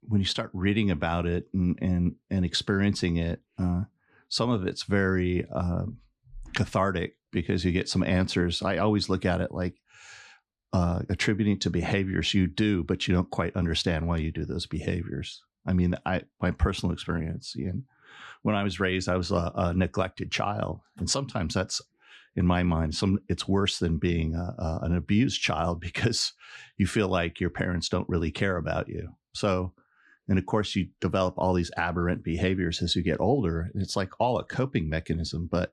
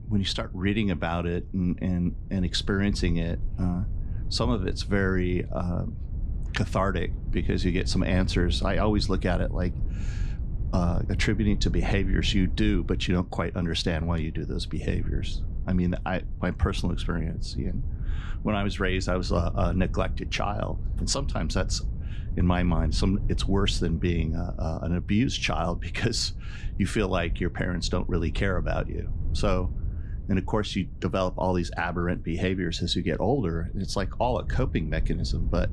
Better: first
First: none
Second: wind noise on the microphone; occasional gusts; 20 dB below the speech

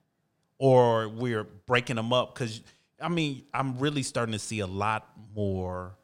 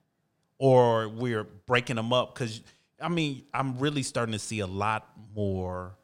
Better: neither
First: none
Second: none

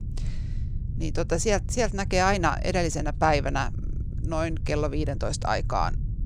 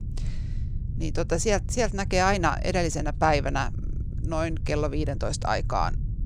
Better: neither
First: low rumble; faint; throughout; 20 dB below the speech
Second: low rumble; faint; throughout; 20 dB below the speech

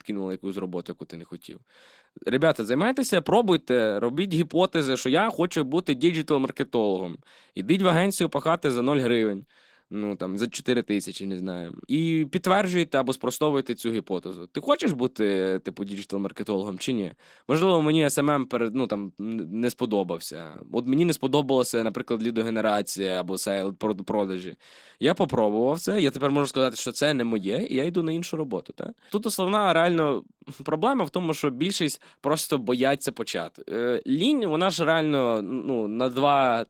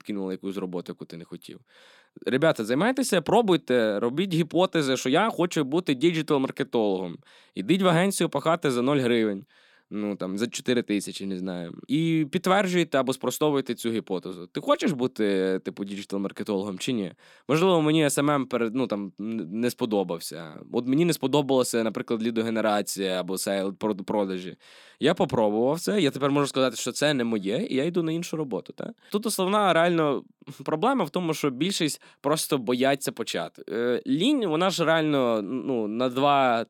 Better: second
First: garbled, watery; slightly; nothing above 15.5 kHz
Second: none

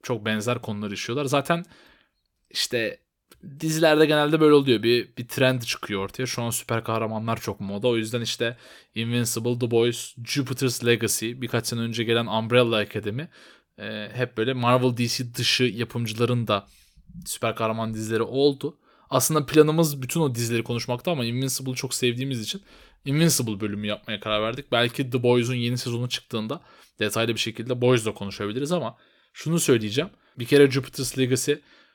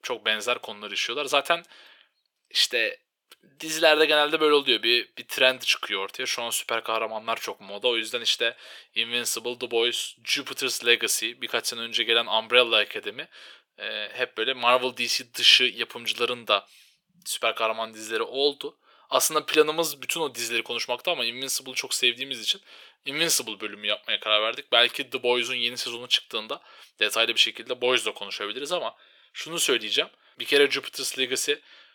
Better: first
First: none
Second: thin; very; fading below 600 Hz

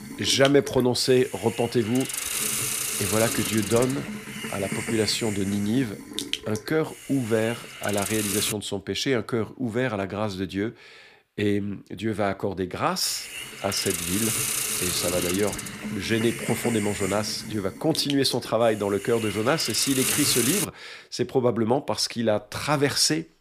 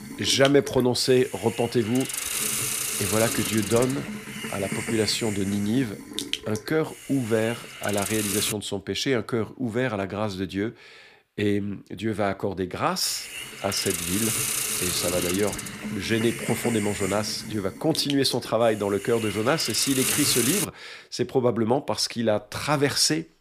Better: neither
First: hiss; loud; until 8.5 s and from 13 to 21 s; 3 dB below the speech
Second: hiss; loud; until 8.5 s and from 13 to 21 s; 3 dB below the speech

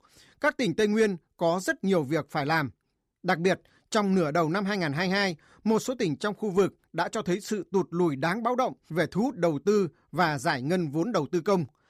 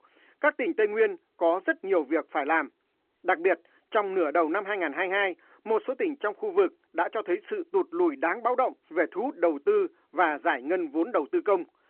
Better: first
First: none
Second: phone-call audio

